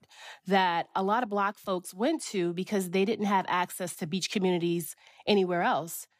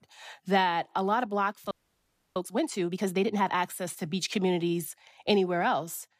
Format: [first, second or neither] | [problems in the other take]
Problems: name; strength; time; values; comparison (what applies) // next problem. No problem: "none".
first | audio freezing; at 1.5 s for 0.5 s